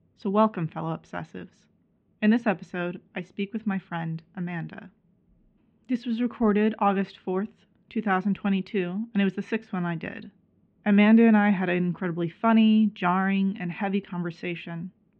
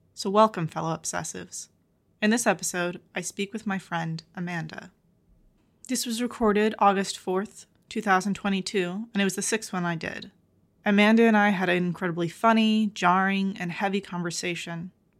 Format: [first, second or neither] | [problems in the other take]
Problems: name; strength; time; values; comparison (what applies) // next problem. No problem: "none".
second | muffled; very; fading above 3 kHz